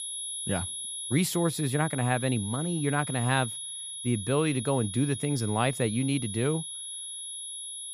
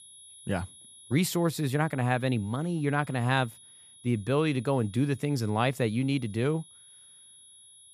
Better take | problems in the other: second | high-pitched whine; loud; throughout; 10.5 kHz, 6 dB below the speech; faint in the second

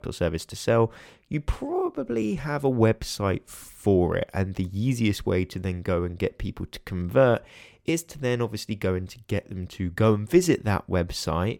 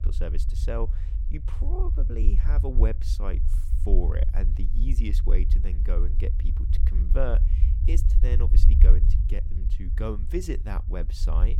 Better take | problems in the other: first | low rumble; loud; throughout; 8 dB below the speech

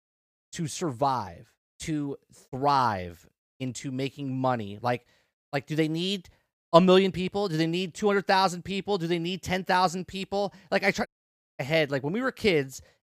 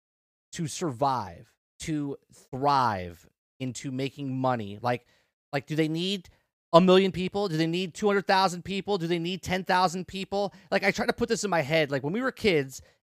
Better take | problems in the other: second | audio cutting out; at 11 s for 0.5 s

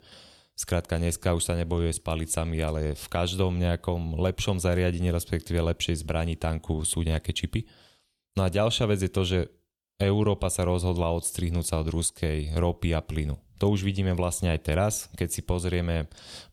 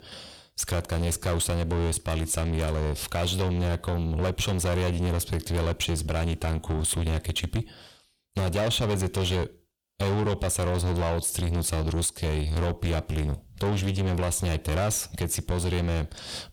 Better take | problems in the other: first | distortion; heavy; 7 dB below the speech

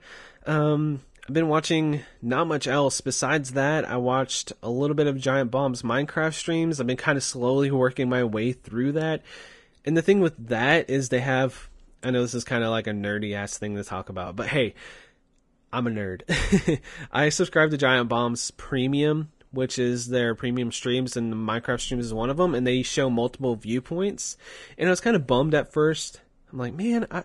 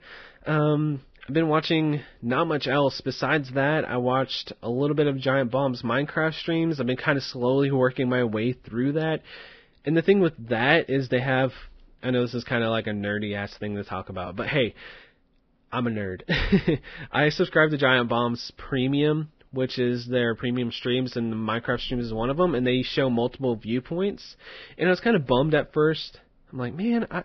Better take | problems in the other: first | garbled, watery; badly; nothing above 5.5 kHz; slightly in the first

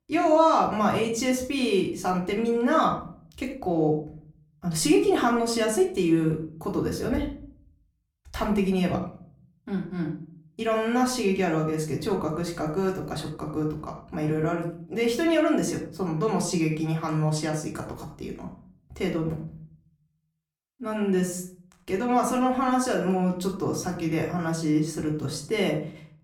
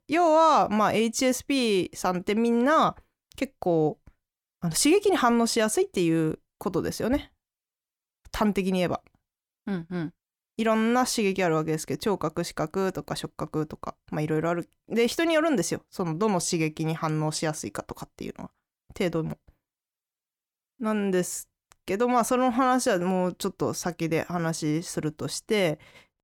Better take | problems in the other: second | off-mic speech; far // room echo; slight; dies away in 0.5 s

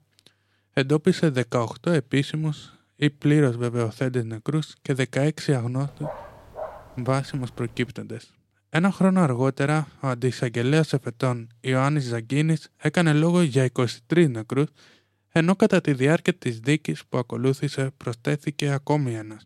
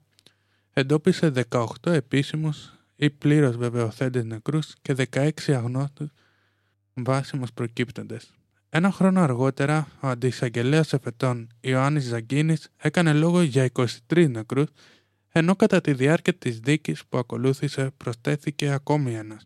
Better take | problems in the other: second | dog barking; faint; from 6 to 8 s; peak 15 dB below the speech

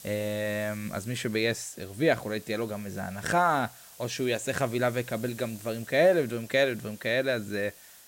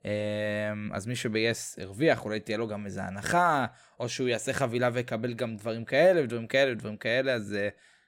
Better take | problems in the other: second | hiss; noticeable; throughout; 20 dB below the speech

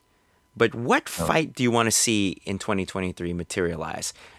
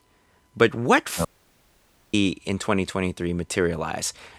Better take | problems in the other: first | audio cutting out; at 1.5 s for 1 s

